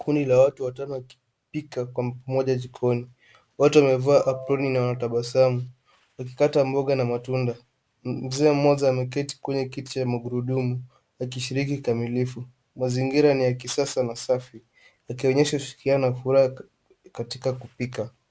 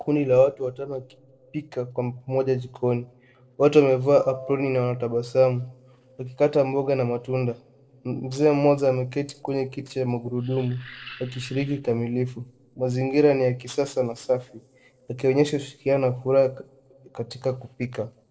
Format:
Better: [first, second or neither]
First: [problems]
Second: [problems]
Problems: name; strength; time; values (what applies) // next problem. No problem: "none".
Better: first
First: none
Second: noise reduction (neural separator model SepFormer DNS4)